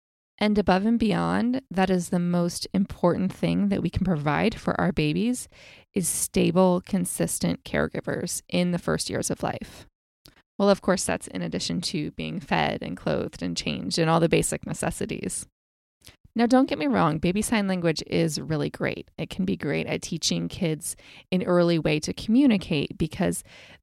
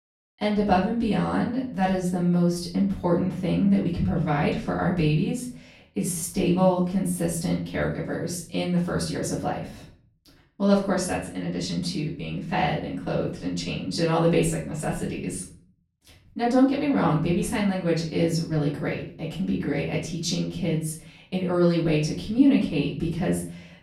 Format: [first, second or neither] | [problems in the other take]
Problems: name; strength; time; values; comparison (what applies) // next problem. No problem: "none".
first | off-mic speech; far // room echo; slight; dies away in 0.5 s